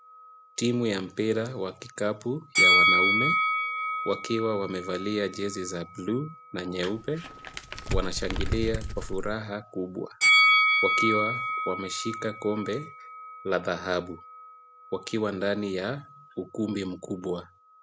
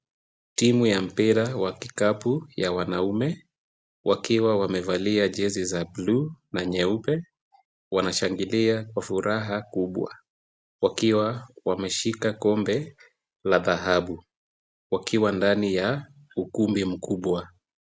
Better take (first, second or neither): second